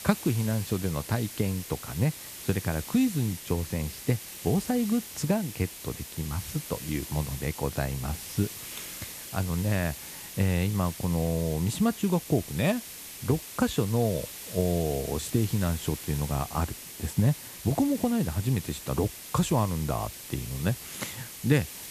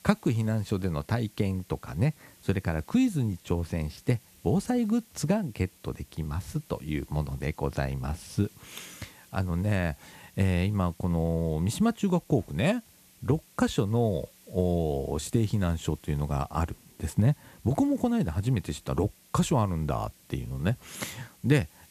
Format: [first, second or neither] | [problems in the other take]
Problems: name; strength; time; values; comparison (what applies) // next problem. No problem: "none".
second | hiss; loud; throughout; 10 dB below the speech; faint in the second